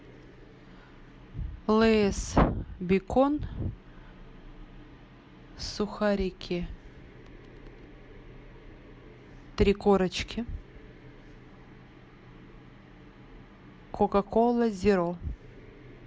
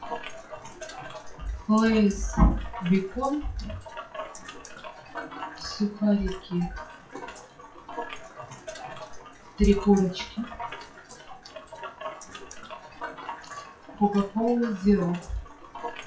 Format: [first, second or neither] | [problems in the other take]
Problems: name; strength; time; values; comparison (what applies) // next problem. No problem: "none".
first | noise reduction (classical method WPE with log-MMSE)